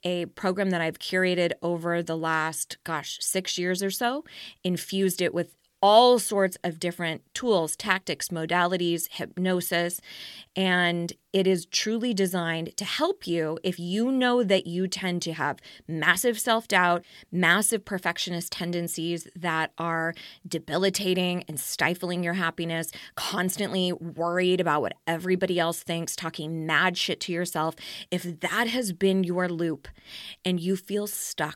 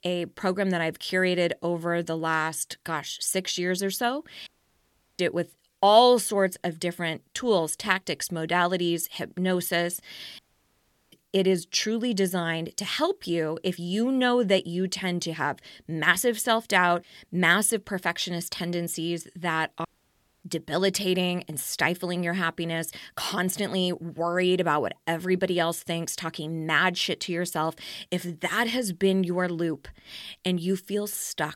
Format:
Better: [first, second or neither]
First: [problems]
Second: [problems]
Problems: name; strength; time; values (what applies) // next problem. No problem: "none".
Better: first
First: none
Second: audio cutting out; at 4.5 s for 0.5 s, at 10 s for 0.5 s and at 20 s for 0.5 s